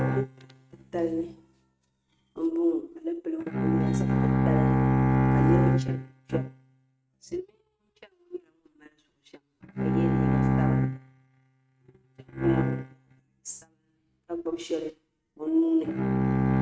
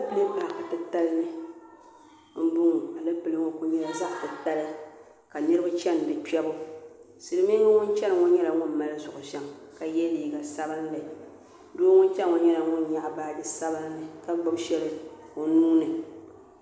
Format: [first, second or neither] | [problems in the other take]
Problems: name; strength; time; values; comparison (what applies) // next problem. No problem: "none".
second | noise reduction (neural mask model RNNoise)